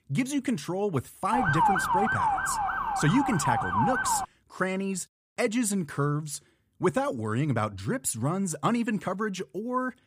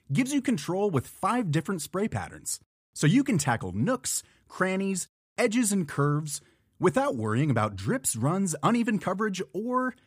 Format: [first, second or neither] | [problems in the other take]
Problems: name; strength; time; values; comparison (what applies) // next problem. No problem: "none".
second | siren; loud; from 1.5 to 4.5 s; peak 6 dB above the speech